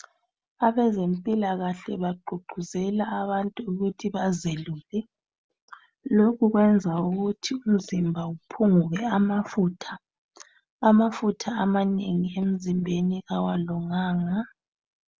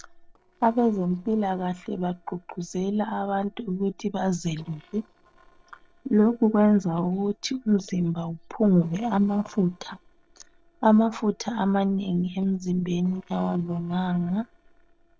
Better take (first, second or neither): first